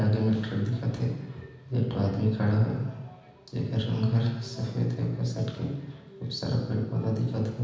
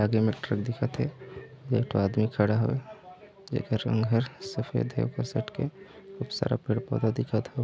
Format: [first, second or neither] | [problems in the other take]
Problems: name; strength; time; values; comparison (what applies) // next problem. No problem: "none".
second | room echo; dies away in 1.1 s